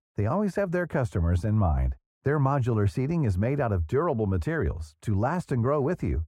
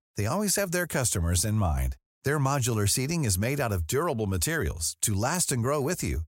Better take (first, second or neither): second